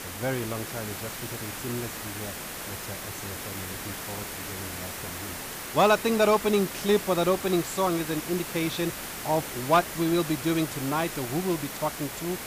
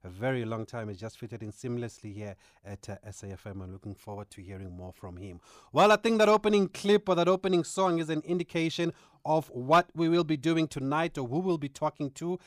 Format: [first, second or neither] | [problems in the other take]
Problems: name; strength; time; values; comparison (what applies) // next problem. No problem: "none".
second | hiss; loud; throughout; 8 dB below the speech